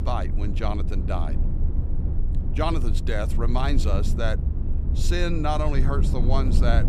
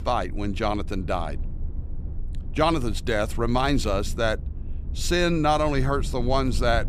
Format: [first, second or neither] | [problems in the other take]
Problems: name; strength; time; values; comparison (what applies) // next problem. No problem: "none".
second | low rumble; loud; throughout; 10 dB below the speech; faint in the second